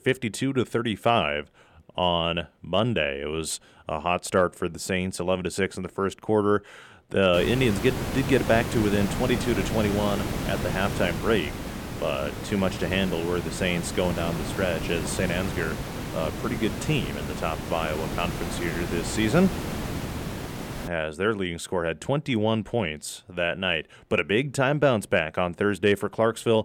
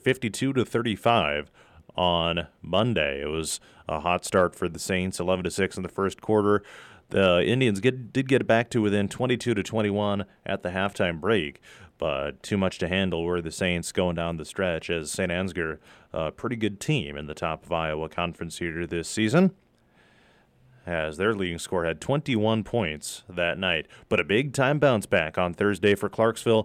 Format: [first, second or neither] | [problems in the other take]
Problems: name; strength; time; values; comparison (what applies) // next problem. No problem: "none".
second | hiss; loud; from 7.5 to 21 s; 6 dB below the speech